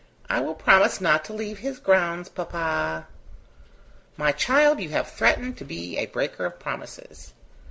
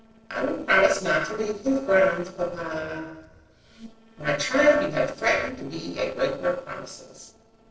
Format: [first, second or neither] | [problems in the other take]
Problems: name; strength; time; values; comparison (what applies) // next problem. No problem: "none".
first | noise reduction (neural separator model SepFormer DNS4)